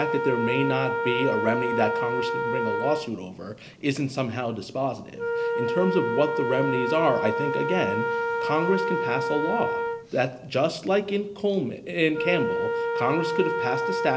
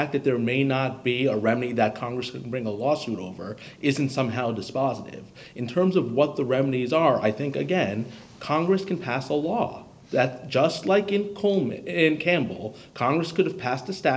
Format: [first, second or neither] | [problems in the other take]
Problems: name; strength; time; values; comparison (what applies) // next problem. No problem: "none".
second | background sound (Wind instrument, woodwind instrument); 1 dB below the speech